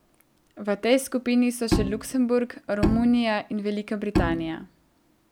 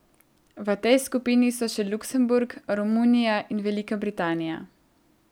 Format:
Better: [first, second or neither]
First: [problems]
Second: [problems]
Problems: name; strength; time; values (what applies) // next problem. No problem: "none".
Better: second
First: background sound (Bowed string instrument); 3 dB below the speech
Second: none